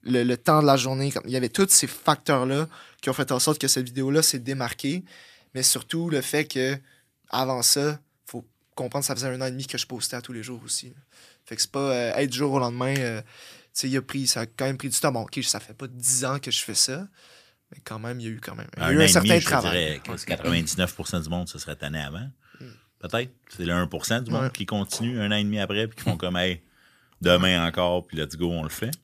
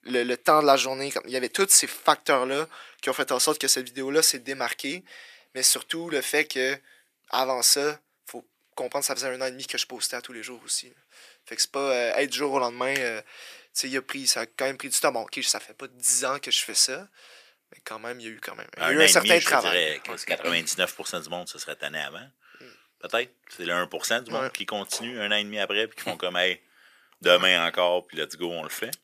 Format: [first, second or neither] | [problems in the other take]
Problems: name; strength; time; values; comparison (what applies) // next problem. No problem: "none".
first | thin; somewhat; fading below 450 Hz